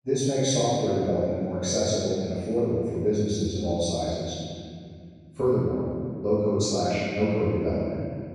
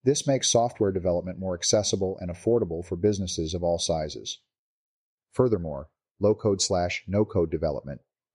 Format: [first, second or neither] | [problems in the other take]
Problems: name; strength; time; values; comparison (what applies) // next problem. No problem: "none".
second | off-mic speech; far // room echo; strong; dies away in 2.5 s